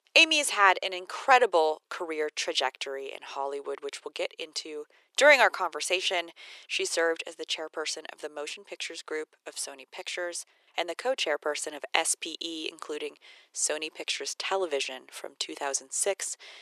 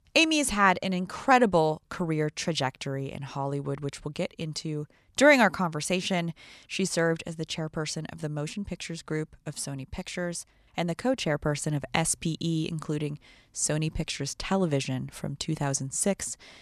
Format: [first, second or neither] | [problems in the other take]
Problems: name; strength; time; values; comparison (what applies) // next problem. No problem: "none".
second | thin; very; fading below 350 Hz